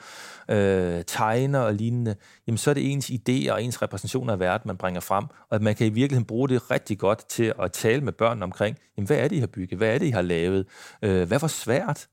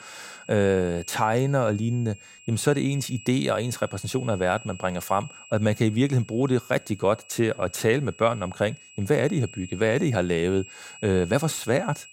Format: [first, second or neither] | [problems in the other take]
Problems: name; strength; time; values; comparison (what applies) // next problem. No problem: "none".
first | high-pitched whine; noticeable; throughout; 2.5 kHz, 20 dB below the speech